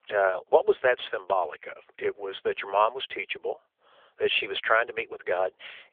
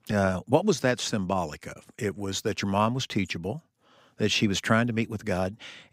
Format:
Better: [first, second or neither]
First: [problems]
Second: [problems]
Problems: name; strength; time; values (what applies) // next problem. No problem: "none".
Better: second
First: phone-call audio; nothing above 3.5 kHz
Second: none